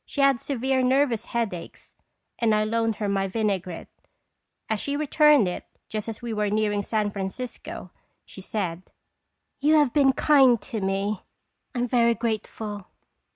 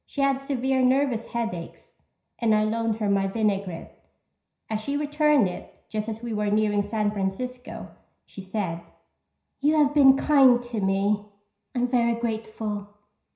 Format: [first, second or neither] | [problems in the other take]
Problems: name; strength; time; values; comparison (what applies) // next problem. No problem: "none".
first | room echo; dies away in 0.5 s